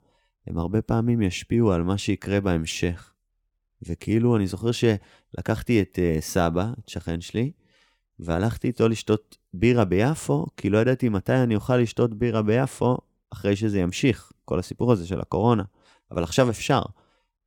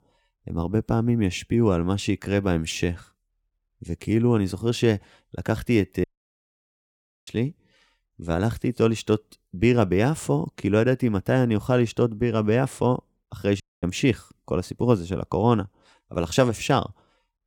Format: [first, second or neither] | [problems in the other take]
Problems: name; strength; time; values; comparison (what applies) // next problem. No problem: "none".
first | audio cutting out; at 6 s for 1 s and at 14 s